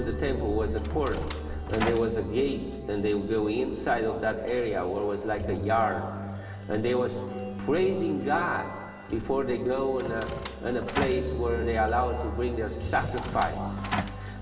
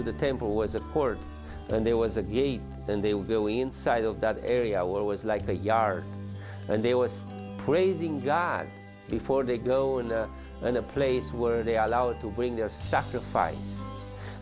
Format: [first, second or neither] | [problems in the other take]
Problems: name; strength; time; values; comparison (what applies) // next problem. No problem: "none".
second | background sound (Door); 8 dB below the speech // room echo; dies away in 2 s